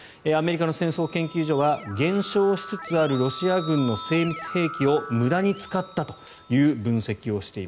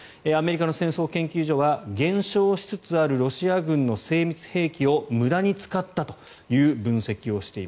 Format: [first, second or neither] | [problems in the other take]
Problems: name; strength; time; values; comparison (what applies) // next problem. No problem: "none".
second | background sound (Keyboard (musical)); 15 dB below the speech